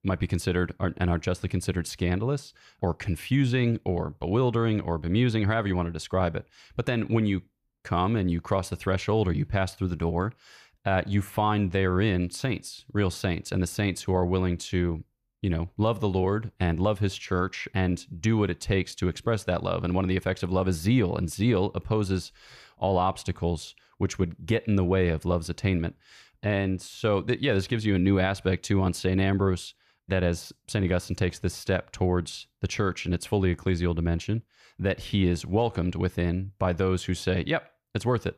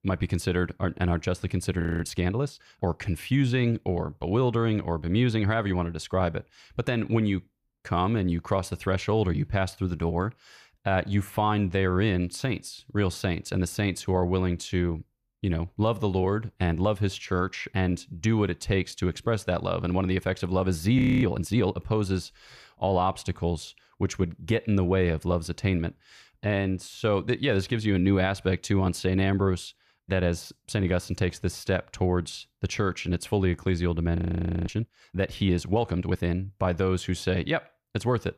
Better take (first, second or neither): first